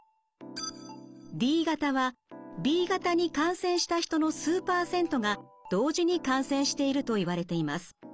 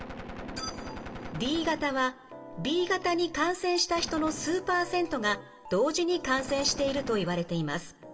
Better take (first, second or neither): first